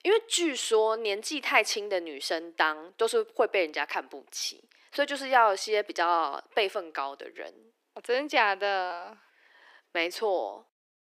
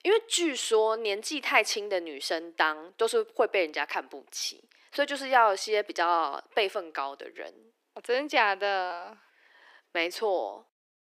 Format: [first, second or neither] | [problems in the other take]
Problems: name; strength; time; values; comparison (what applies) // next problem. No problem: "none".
neither | thin; very; fading below 350 Hz; the same in both